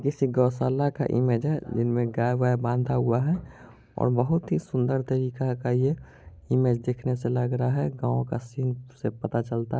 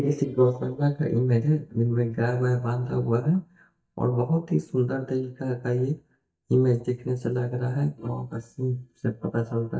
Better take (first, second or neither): first